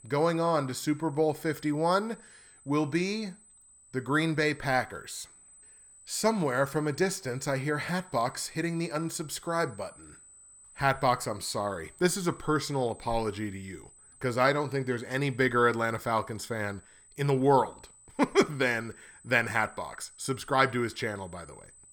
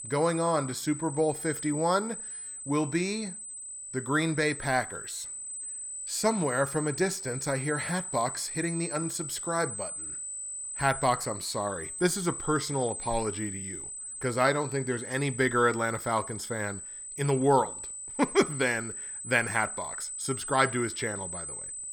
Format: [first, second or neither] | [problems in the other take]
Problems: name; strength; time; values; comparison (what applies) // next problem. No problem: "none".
first | high-pitched whine; loud; throughout; 8 kHz, 7 dB below the speech; faint in the first